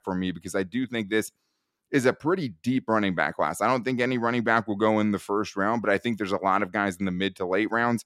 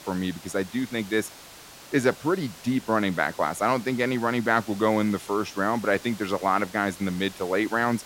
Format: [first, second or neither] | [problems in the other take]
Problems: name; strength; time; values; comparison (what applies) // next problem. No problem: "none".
first | hiss; noticeable; throughout; 20 dB below the speech